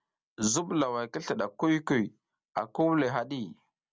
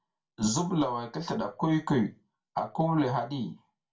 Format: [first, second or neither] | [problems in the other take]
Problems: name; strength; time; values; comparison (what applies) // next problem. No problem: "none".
first | room echo; dies away in 0.2 s